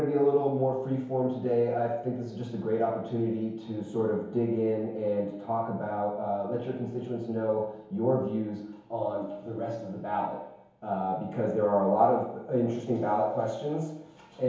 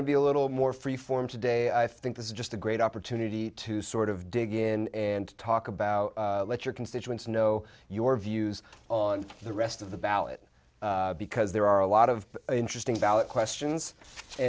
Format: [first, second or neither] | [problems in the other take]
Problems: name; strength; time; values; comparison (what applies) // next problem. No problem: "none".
second | room echo; dies away in 1 s